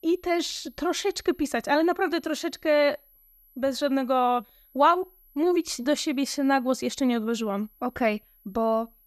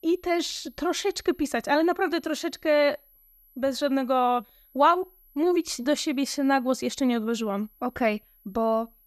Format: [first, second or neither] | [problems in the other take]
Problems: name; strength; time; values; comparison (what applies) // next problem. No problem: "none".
neither | high-pitched whine; faint; throughout; 12 kHz, 30 dB below the speech; the same in both